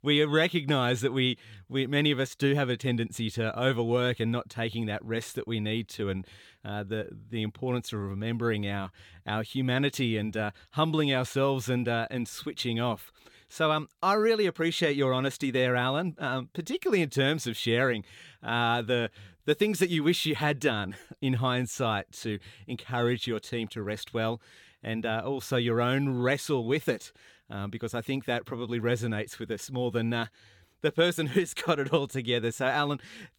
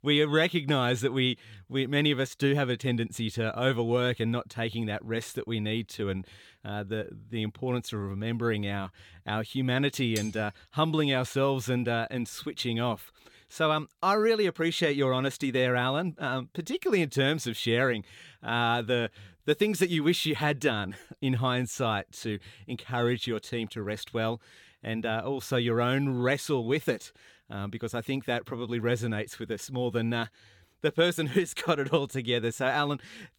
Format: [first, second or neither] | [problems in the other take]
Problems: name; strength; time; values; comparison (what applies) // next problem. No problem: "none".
first | clattering dishes; noticeable; at 10 s; peak 10 dB below the speech